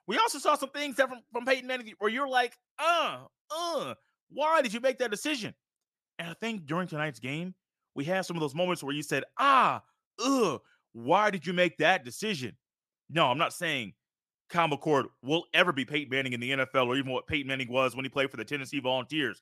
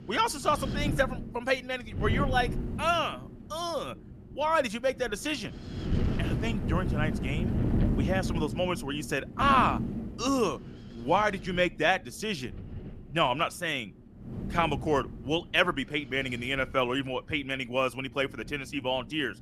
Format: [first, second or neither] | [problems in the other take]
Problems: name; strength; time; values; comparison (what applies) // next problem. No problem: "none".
first | wind noise on the microphone; occasional gusts; 15 dB below the speech